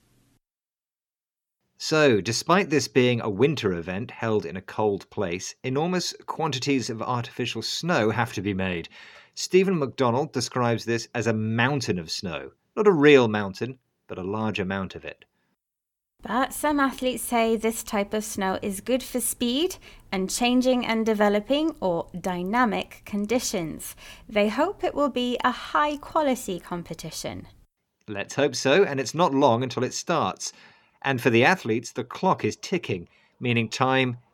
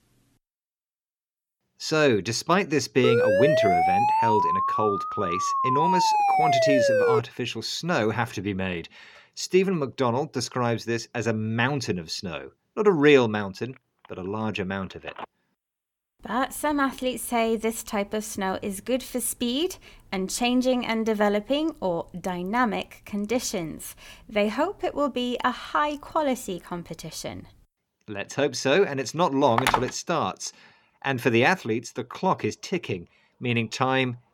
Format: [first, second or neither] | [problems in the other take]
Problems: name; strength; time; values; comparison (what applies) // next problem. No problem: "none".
first | siren; loud; from 3 to 7 s; peak 5 dB above the speech // phone ringing; faint; from 14 to 17 s; peak 15 dB below the speech // phone ringing; loud; at 30 s; peak 2 dB above the speech